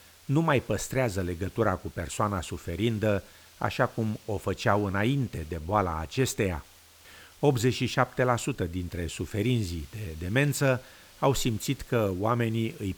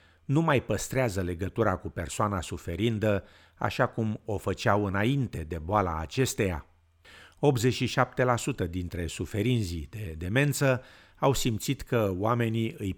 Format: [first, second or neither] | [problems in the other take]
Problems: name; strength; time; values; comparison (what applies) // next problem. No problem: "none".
second | hiss; faint; throughout; 25 dB below the speech